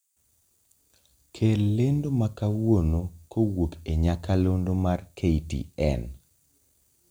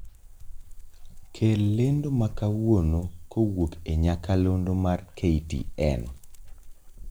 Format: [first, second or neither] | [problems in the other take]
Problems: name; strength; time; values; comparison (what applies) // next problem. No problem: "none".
first | background sound (Dog); 15 dB below the speech